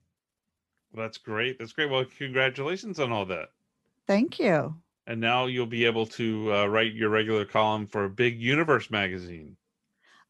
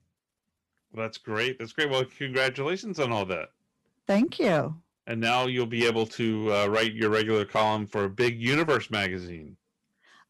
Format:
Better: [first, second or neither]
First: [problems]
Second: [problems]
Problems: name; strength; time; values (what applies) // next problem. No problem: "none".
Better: first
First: none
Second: distortion; slight; 3% of the sound clipped